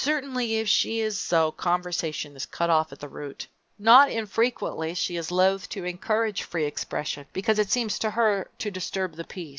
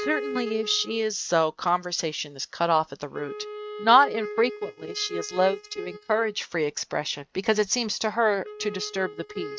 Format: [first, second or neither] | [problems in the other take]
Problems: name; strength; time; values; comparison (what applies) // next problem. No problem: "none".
first | noise reduction (neural mask model RNNoise)